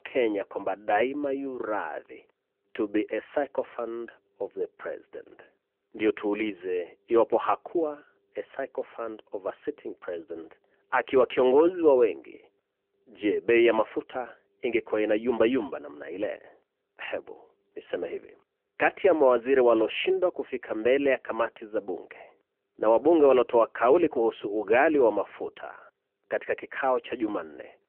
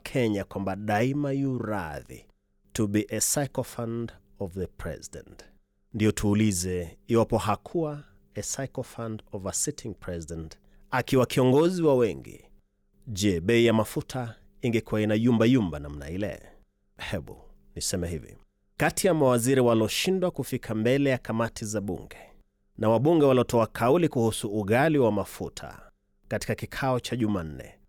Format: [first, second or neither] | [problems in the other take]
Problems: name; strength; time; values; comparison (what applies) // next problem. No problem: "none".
second | phone-call audio; nothing above 3 kHz